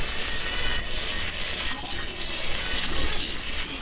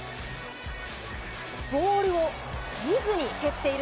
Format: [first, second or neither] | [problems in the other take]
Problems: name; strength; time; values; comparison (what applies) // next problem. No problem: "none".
second | noise reduction (neural separator model SepFormer WHAMR!)